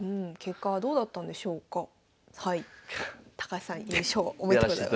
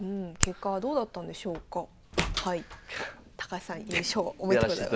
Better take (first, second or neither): first